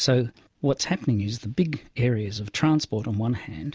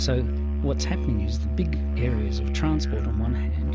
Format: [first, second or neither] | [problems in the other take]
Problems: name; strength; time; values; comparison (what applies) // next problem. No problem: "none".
first | background sound (Musical instrument); 5 dB above the speech